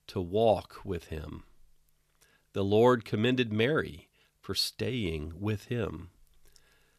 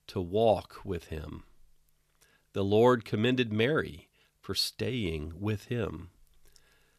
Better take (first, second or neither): neither